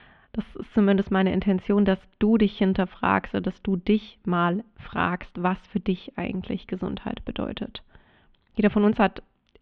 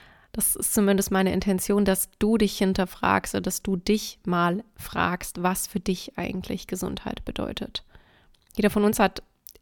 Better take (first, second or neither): second